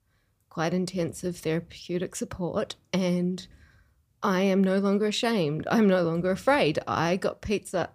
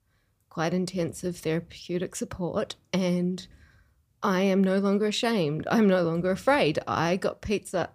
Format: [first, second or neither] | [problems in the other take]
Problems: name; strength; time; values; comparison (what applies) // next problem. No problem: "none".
neither | none